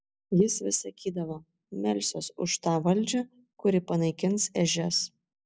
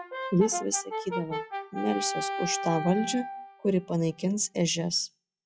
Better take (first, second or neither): first